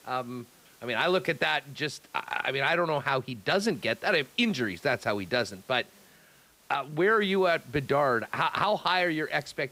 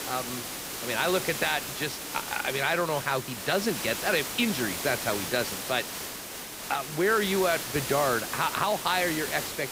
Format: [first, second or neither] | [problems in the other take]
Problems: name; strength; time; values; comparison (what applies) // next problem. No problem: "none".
first | hiss; loud; throughout; 5 dB below the speech; faint in the first